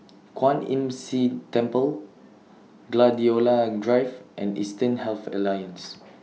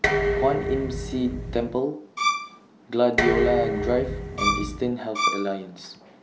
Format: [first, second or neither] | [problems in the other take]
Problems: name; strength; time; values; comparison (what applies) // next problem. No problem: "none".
first | background sound (Dishes, pots, and pans + Bowed string instrument); as loud as the speech